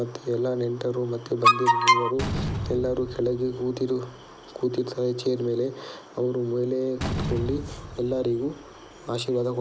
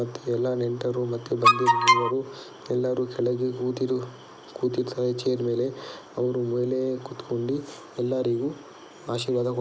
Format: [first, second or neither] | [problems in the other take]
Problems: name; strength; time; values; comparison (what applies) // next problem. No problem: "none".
second | background sound (Slam); 10 dB below the speech